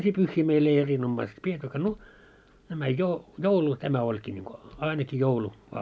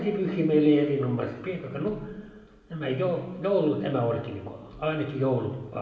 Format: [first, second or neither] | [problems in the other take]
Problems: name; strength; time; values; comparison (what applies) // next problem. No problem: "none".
first | room echo; dies away in 1.1 s